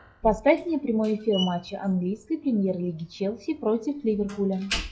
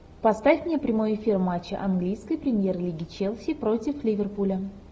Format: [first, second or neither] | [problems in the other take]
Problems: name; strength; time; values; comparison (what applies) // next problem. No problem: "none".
second | noise reduction (classical method log-MMSE)